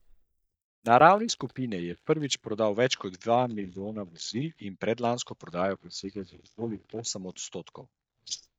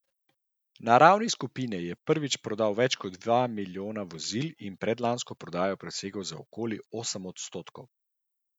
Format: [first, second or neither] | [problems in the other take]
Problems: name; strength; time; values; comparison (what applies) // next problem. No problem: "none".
second | noise reduction (neural mask model DeepFilterNet 3)